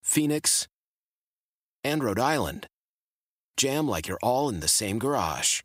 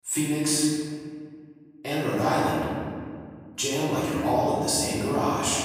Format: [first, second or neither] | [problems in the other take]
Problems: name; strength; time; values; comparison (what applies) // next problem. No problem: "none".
first | room echo; strong; dies away in 2.2 s // off-mic speech; far